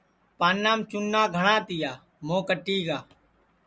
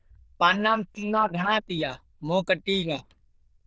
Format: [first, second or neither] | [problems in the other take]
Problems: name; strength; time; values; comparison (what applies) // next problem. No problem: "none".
first | noise reduction (neural diffusion model UNIVERSE++)